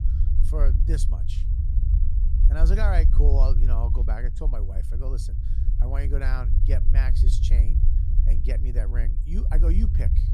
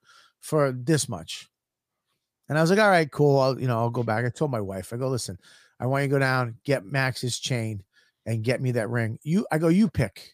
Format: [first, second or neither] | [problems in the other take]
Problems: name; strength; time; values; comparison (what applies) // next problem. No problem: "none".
second | low rumble; loud; throughout; 6 dB below the speech